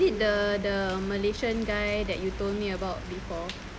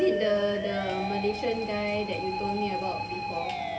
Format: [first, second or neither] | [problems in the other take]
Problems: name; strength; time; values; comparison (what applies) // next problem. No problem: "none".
first | background sound (Musical instrument); 3 dB below the speech // room echo; dies away in 0.3 s